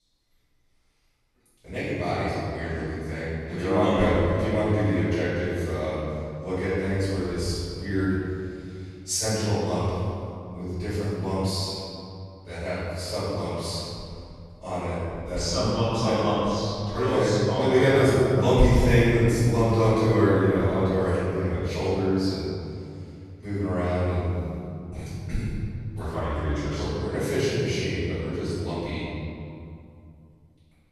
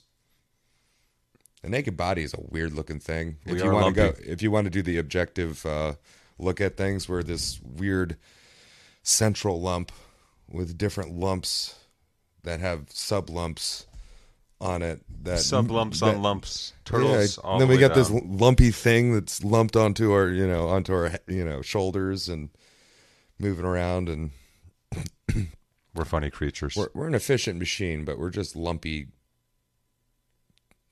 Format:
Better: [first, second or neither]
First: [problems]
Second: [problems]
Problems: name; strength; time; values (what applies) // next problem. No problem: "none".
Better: second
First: off-mic speech; far // room echo; strong; dies away in 2.4 s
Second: none